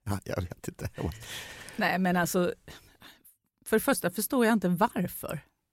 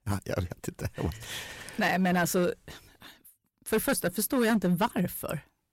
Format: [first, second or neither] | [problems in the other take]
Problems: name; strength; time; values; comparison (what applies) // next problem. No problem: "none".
first | distortion; slight; 4% of the sound clipped